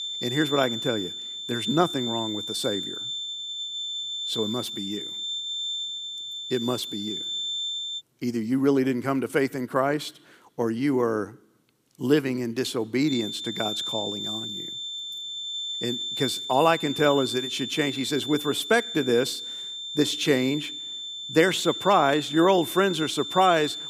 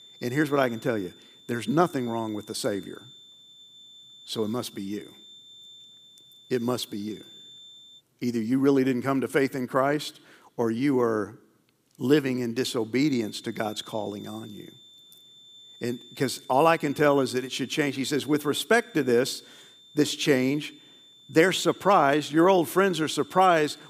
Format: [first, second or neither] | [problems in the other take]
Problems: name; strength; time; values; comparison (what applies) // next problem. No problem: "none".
second | high-pitched whine; loud; until 8 s and from 13 s on; 3.5 kHz, 5 dB below the speech; faint in the second